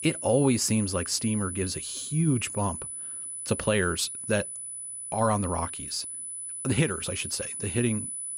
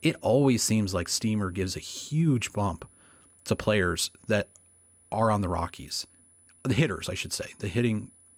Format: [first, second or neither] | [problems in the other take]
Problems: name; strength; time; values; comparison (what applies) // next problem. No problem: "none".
second | high-pitched whine; loud; throughout; 10 kHz, 6 dB below the speech; faint in the second